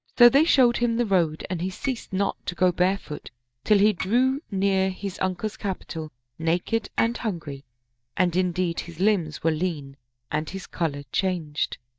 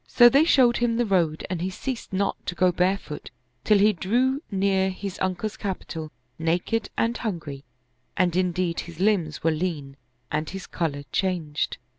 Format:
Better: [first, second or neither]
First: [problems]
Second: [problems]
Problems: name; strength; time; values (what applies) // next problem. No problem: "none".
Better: second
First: noise reduction (neural mask model DeepFilterNet 3)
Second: none